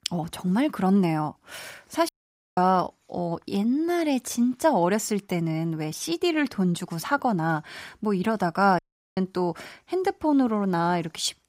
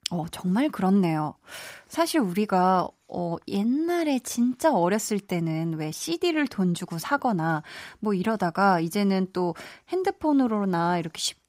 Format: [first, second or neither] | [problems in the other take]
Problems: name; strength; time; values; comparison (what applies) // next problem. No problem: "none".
second | audio cutting out; at 2 s and at 9 s